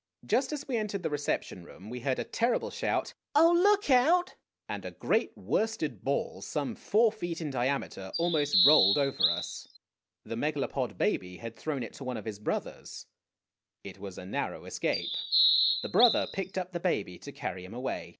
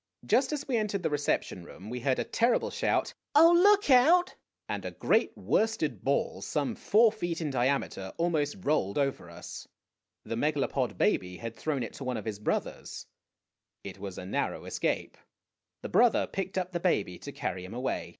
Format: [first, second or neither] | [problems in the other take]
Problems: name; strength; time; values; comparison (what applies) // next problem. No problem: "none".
second | background sound (Bird vocalization, bird call, bird song); 1 dB above the speech